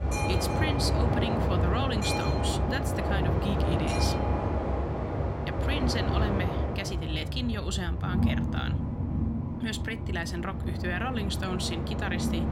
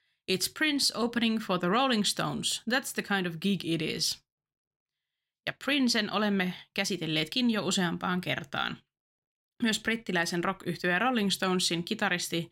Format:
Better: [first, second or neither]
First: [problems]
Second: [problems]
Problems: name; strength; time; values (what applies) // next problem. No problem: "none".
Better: second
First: train or aircraft noise; very loud; throughout; 5 dB above the speech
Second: none